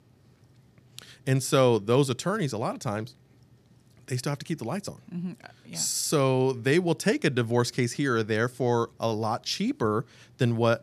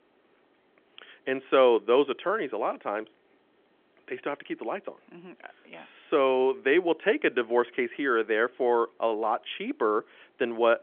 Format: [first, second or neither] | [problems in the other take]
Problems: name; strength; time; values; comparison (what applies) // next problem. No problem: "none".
first | phone-call audio; nothing above 3.5 kHz